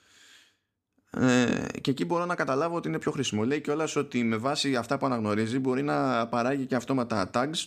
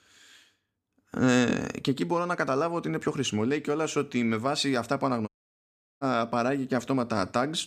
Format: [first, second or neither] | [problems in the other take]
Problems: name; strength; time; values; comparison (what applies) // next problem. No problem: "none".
first | audio cutting out; at 5.5 s for 0.5 s